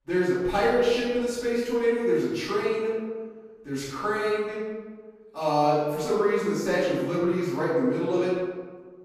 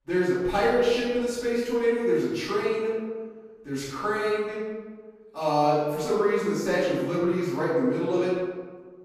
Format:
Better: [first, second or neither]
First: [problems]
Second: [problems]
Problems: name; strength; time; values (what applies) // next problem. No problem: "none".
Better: neither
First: off-mic speech; far // room echo; strong; dies away in 1.3 s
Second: off-mic speech; far // room echo; strong; dies away in 1.3 s